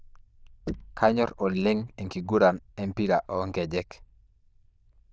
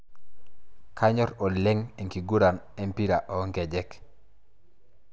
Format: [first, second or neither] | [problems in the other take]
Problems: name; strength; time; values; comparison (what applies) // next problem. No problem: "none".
second | noise reduction (neural diffusion model UNIVERSE++)